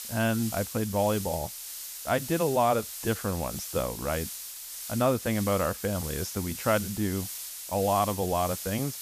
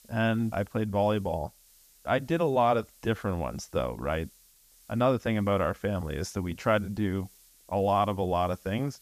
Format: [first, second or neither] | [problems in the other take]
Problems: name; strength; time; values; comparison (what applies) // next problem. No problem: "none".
second | hiss; loud; throughout; 7 dB below the speech; faint in the second